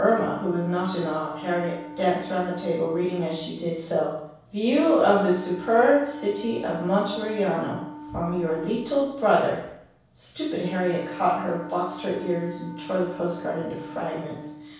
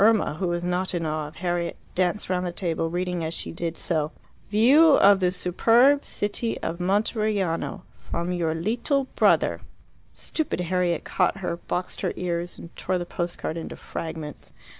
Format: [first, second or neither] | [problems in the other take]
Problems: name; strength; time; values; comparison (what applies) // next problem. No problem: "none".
second | background sound (Wind instrument, woodwind instrument); 15 dB below the speech // room echo; dies away in 0.7 s